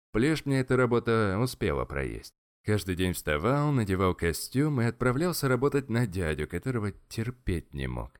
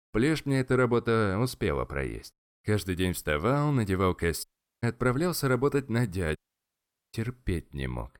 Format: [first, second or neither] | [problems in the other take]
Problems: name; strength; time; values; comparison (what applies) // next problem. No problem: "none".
first | audio cutting out; at 4.5 s and at 6.5 s for 1 s